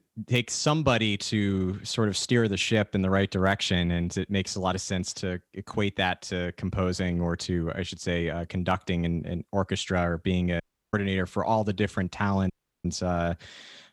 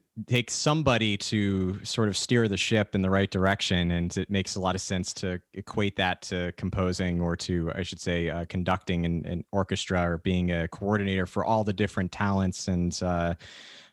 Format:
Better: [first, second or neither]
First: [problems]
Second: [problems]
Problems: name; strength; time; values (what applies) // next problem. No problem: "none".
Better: second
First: audio cutting out; at 11 s and at 13 s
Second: none